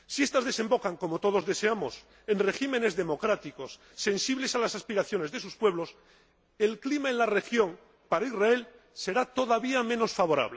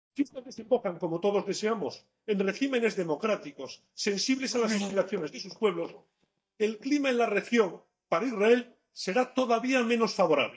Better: first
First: none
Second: noise reduction (neural mask model DeepFilterNet 3)

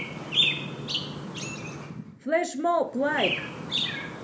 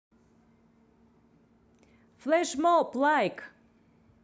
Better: second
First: background sound (Chirp, tweet); as loud as the speech // room echo; dies away in 0.3 s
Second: none

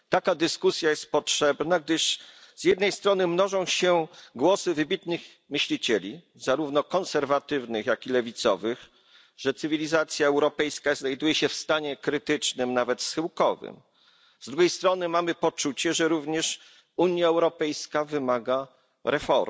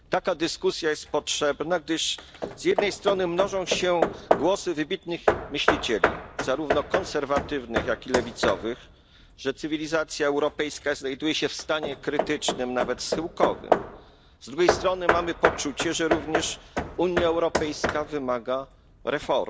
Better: first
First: none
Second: background sound (Hammer / Wood); 3 dB below the speech

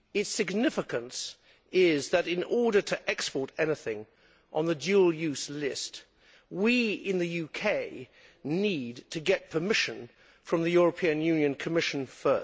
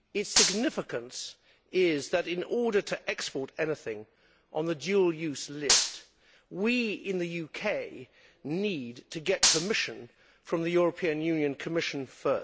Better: first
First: none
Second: background sound (Gunshot, gunfire); 1 dB above the speech

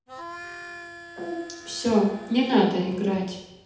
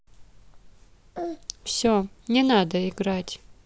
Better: second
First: background sound (Harmonica); 16 dB below the speech // room echo; dies away in 0.8 s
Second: none

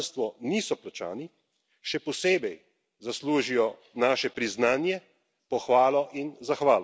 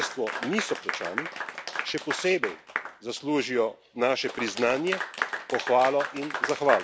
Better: first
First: none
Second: background sound (Applause / Clapping); 6 dB below the speech

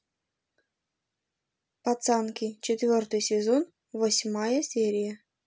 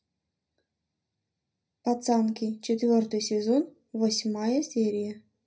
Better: first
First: none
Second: room echo; dies away in 0.5 s

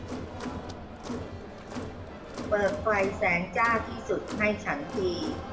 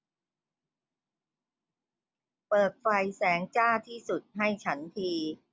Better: second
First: background sound (Crowd); 6 dB below the speech // room echo; dies away in 0.6 s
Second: none

